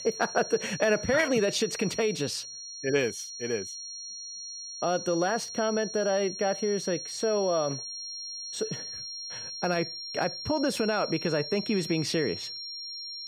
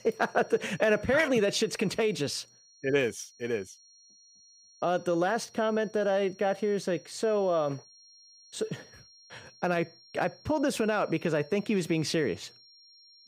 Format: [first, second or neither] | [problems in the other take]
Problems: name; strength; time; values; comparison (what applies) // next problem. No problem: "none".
second | high-pitched whine; loud; throughout; 5.5 kHz, 7 dB below the speech; faint in the second